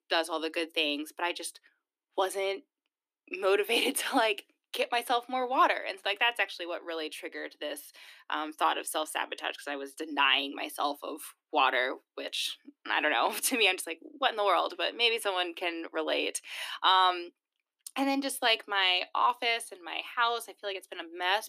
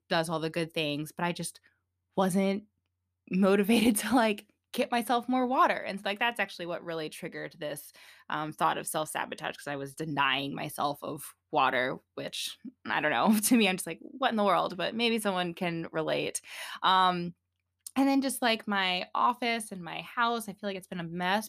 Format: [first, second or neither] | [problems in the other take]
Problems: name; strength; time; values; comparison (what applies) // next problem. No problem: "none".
second | thin; somewhat; fading below 300 Hz